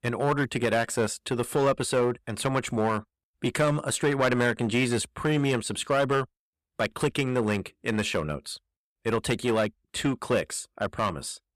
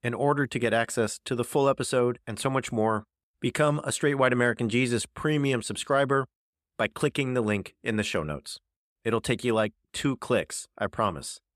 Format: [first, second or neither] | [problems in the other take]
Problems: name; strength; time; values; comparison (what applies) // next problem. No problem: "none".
second | distortion; slight; 5% of the sound clipped